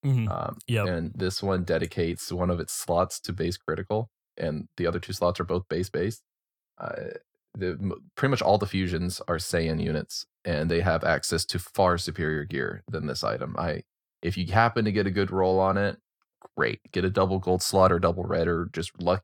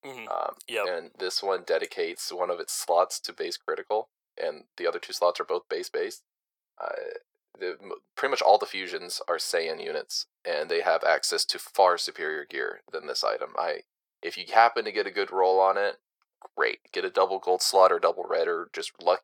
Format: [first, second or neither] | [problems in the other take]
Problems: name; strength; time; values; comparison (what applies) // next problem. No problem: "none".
first | thin; very; fading below 400 Hz